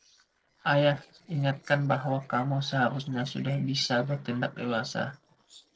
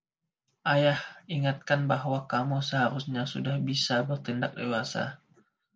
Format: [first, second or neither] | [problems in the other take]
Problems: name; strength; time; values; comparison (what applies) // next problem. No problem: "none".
second | noise reduction (neural separator model SepFormer DNS4)